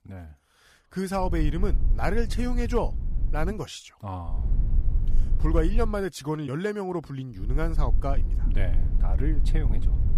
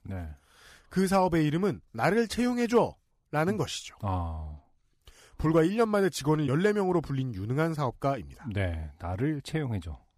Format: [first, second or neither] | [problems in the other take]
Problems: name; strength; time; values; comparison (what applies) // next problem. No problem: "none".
second | low rumble; noticeable; from 1 to 3.5 s, from 4.5 to 6 s and from 7.5 s on; 15 dB below the speech